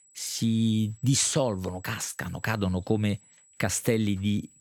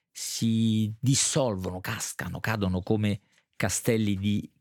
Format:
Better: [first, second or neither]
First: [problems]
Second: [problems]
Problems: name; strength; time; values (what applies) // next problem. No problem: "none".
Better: second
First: high-pitched whine; faint; throughout; 8 kHz, 30 dB below the speech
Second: none